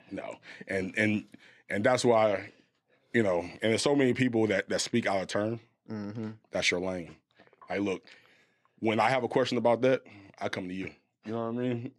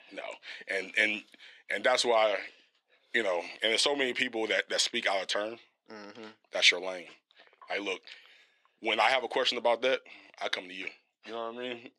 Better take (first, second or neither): first